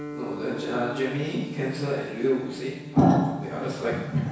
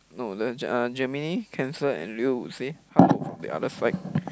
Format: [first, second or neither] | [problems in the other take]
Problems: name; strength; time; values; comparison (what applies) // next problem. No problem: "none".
second | background sound (Guitar); 13 dB below the speech // room echo; dies away in 1.1 s